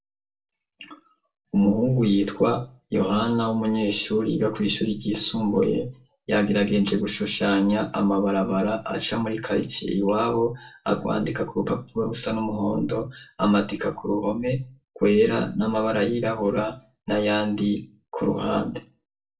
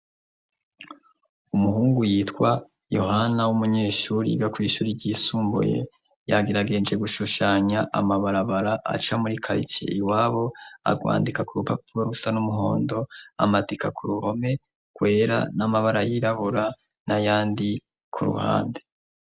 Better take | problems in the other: second | room echo; dies away in 0.2 s

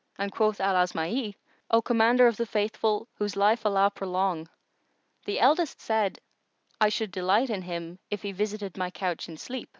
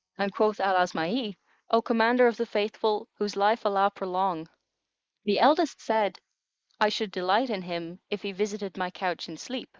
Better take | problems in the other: first | noise reduction (neural mask model Resemble Enhance denoiser)

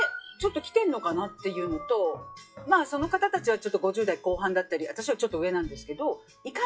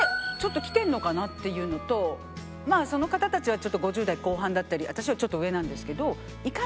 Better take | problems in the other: second | noise reduction (classical method WPE with log-MMSE)

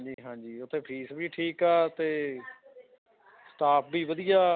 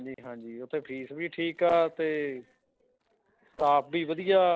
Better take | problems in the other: first | noise reduction (neural separator model SepFormer DNS4)

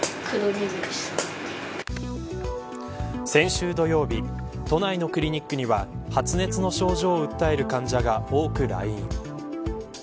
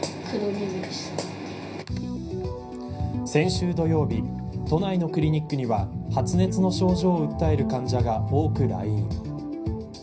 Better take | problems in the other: first | room echo; dies away in 0.4 s

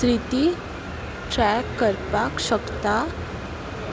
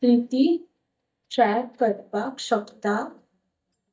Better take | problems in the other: first | noise reduction (neural mask model DeepFilterNet 3)

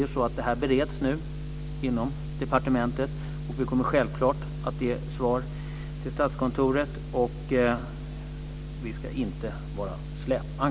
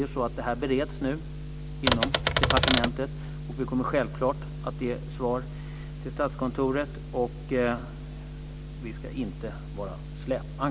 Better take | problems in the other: first | background sound (Typewriter); 4 dB above the speech

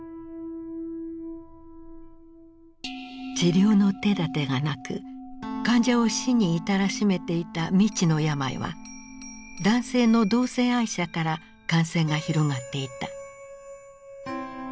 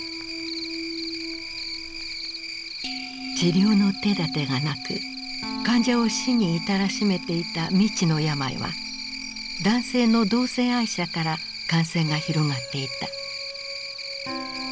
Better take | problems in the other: first | background sound (Cricket); 9 dB below the speech

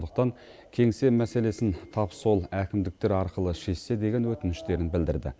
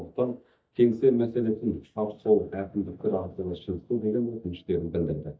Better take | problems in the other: first | noise reduction (neural mask model DeepFilterNet 3)

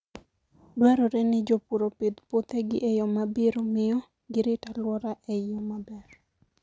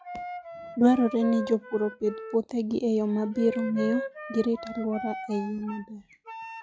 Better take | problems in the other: first | noise reduction (classical method log-MMSE)

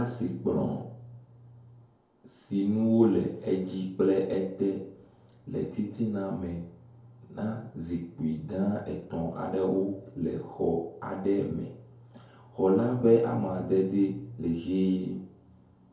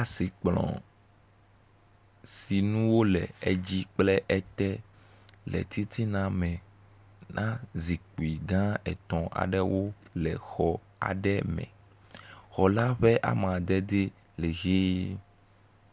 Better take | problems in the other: second | room echo; dies away in 2.3 s

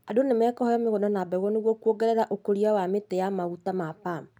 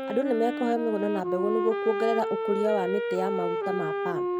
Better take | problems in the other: first | background sound (Wind instrument, woodwind instrument); 2 dB below the speech

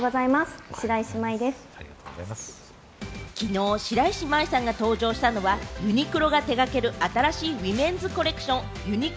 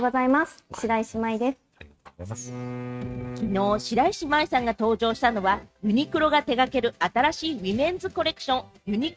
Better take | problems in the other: first | noise reduction (neural mask model RNNoise)

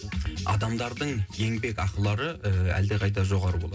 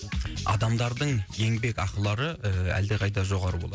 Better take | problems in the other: second | room echo; dies away in 0.3 s

